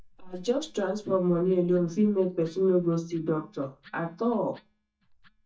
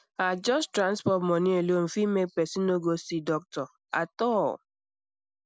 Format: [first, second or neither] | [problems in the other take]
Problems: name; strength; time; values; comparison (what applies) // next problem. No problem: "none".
second | noise reduction (neural mask model DeepFilterNet 3)